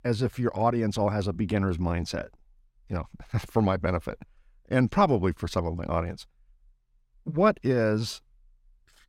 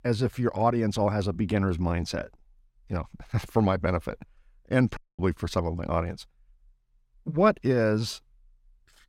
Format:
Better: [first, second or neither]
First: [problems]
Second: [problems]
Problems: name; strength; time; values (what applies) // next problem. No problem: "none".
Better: first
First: none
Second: audio cutting out; at 5 s